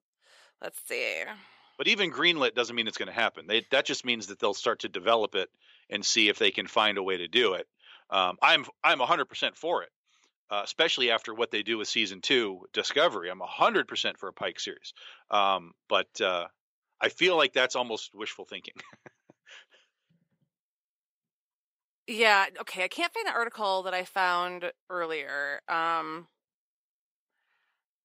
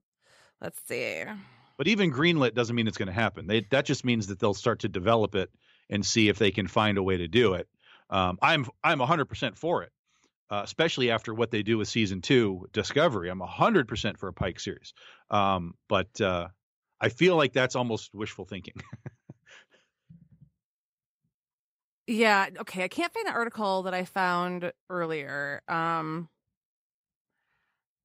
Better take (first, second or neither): second